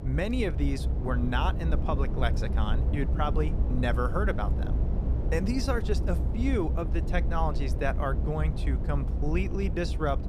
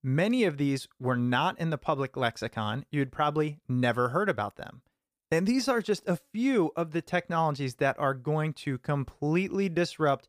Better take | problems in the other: second | low rumble; loud; throughout; 9 dB below the speech

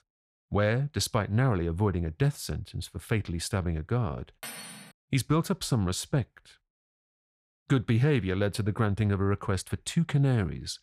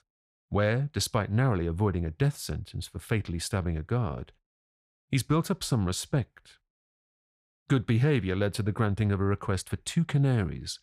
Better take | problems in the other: second | clattering dishes; faint; at 4.5 s; peak 10 dB below the speech

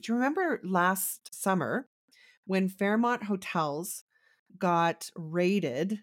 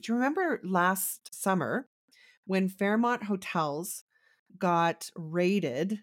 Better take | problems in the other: neither | none

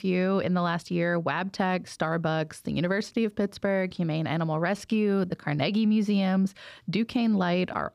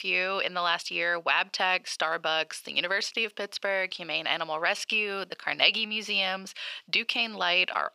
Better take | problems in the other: first | thin; very; fading below 750 Hz

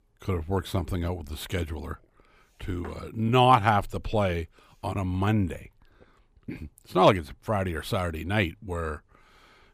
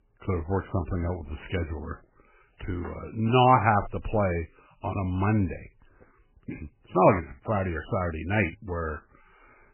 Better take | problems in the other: first | garbled, watery; badly; nothing above 3 kHz

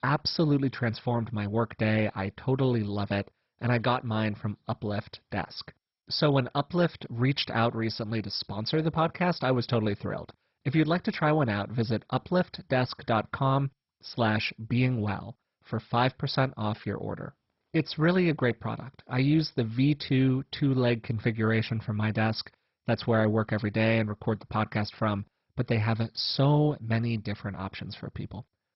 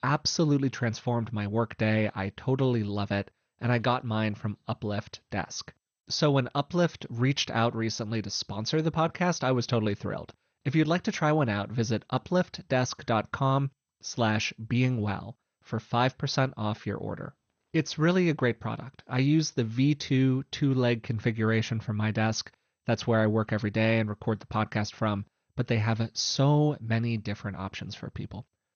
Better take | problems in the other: second | garbled, watery; badly; nothing above 5.5 kHz; slightly in the second

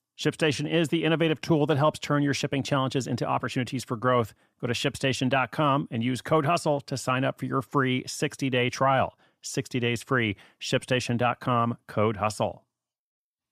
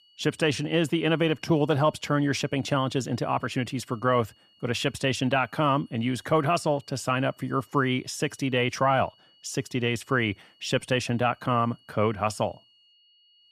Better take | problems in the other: first | high-pitched whine; faint; throughout; 3 kHz, 30 dB below the speech

